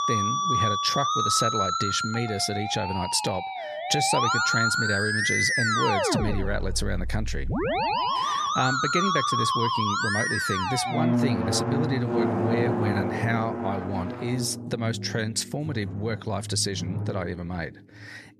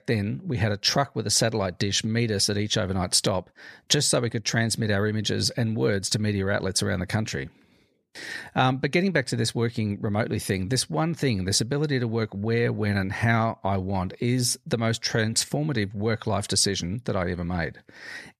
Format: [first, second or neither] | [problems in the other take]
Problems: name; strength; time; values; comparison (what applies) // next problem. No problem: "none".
second | background music; very loud; throughout; 2 dB above the speech